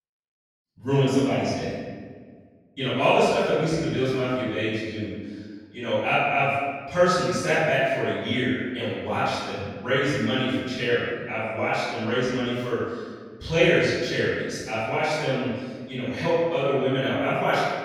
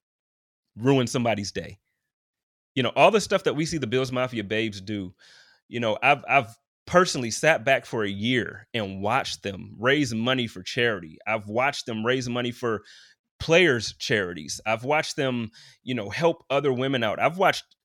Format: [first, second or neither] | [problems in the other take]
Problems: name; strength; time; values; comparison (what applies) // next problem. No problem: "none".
second | off-mic speech; far // room echo; strong; dies away in 1.5 s